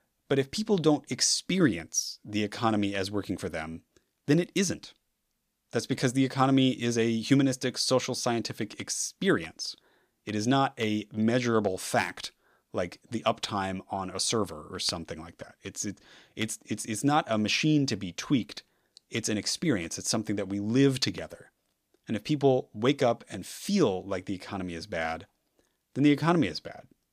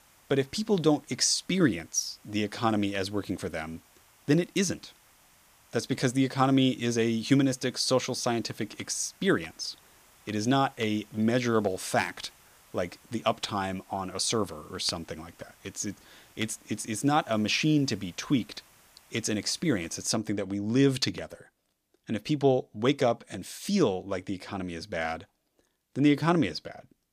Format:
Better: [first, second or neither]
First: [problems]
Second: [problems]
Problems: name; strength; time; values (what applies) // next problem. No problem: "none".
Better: first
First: none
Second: hiss; faint; until 20 s; 30 dB below the speech